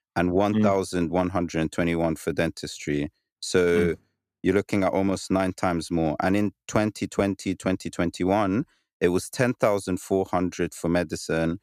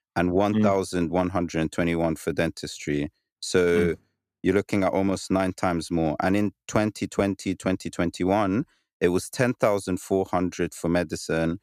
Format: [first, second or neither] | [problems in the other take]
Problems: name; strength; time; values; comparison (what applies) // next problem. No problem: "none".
neither | none